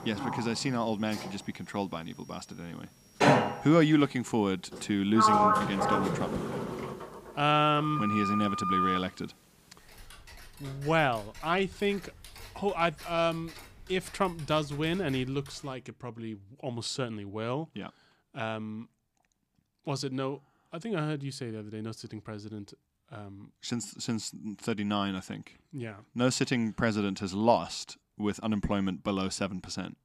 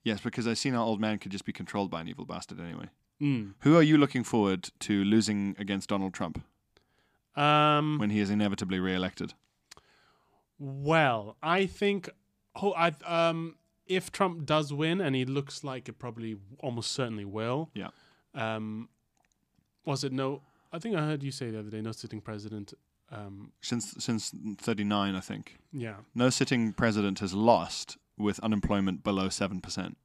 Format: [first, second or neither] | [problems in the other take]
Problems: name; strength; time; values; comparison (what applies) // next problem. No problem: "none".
second | household noises; very loud; until 16 s; 2 dB above the speech